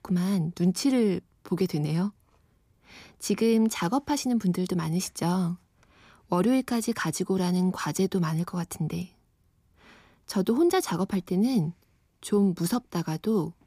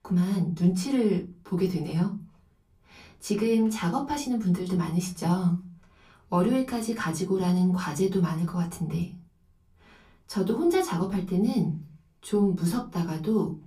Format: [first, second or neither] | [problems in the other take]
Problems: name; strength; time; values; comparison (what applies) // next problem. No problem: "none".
first | off-mic speech; far // room echo; very slight; dies away in 0.2 s